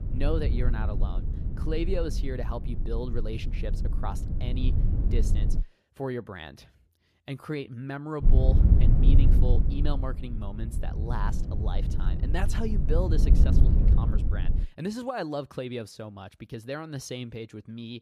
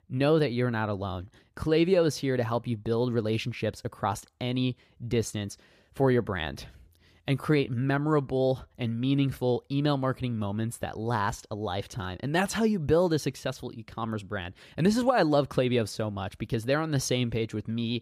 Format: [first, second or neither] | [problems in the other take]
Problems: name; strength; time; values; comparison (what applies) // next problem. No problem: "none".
second | low rumble; loud; until 5.5 s and from 8 to 15 s; 5 dB below the speech